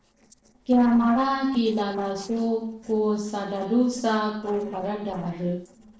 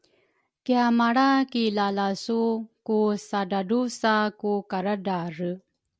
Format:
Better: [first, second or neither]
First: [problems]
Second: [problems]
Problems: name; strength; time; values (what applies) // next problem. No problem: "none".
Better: second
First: noise reduction (neural separator model SepFormer DNS4)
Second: none